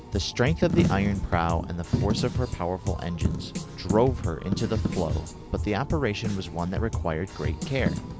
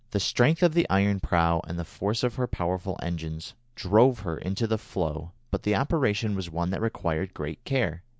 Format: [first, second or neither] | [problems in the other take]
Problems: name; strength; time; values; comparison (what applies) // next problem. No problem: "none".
second | background sound (Drum kit + Coin (dropping)); 2 dB below the speech